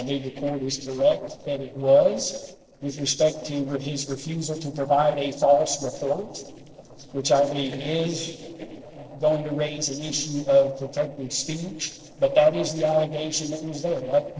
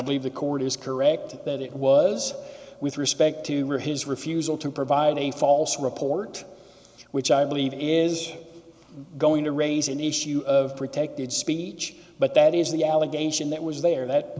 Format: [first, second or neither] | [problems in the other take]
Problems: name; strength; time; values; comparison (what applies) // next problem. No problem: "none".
second | noise reduction (neural separator model SepFormer DNS4)